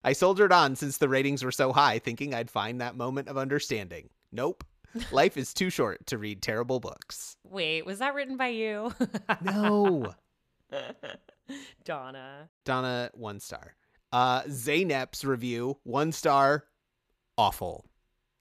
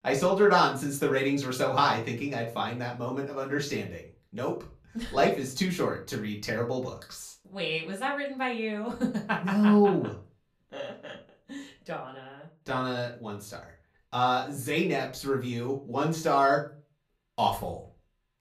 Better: first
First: none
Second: off-mic speech; far // room echo; very slight; dies away in 0.3 s

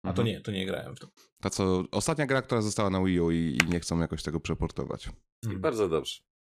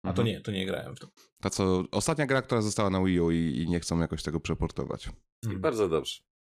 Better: second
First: keyboard typing; very faint; at 3.5 s; peak 1 dB above the speech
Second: none

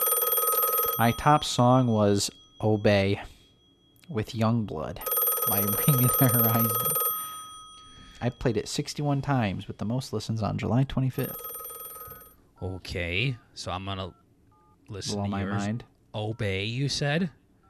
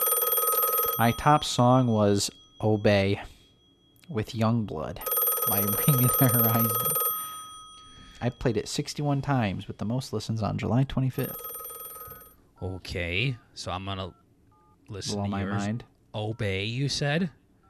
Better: neither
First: alarms or sirens; very loud; throughout; 2 dB above the speech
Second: alarms or sirens; very loud; throughout; 2 dB above the speech

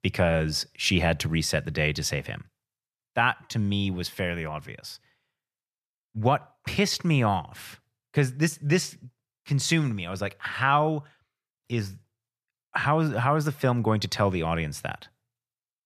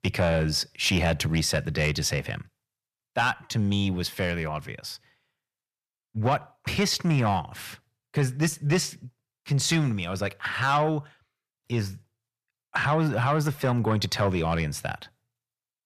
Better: first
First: none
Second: distortion; slight; 10 dB below the speech

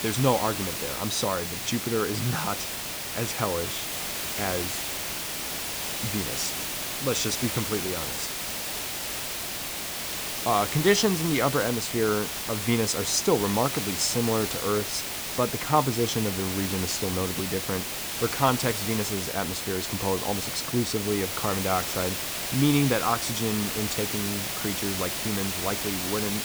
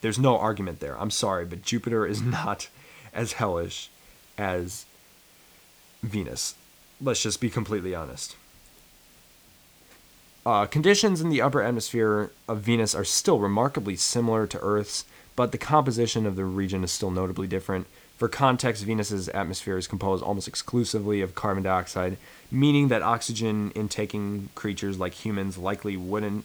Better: second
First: hiss; loud; throughout; 2 dB below the speech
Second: hiss; faint; throughout; 25 dB below the speech

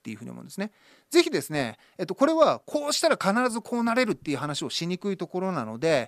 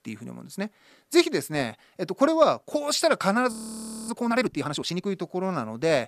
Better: first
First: none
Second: audio freezing; at 3.5 s for 0.5 s

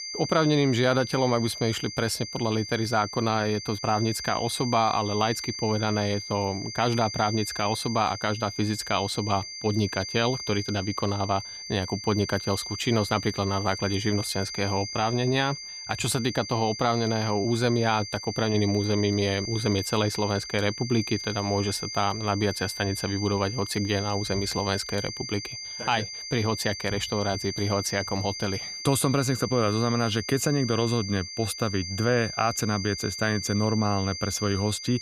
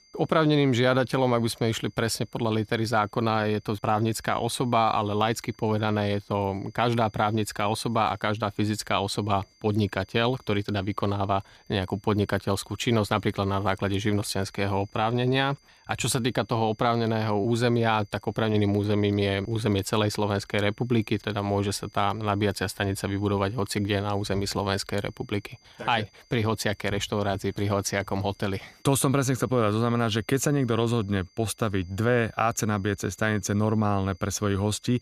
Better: second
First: high-pitched whine; loud; throughout; 4.5 kHz, 8 dB below the speech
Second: high-pitched whine; faint; throughout; 4.5 kHz, 30 dB below the speech

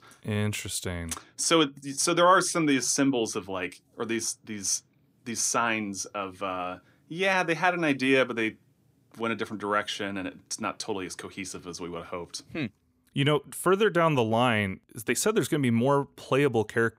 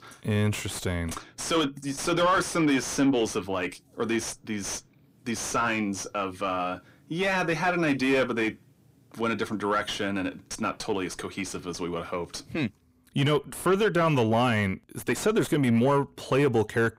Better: first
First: none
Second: distortion; heavy; 7 dB below the speech

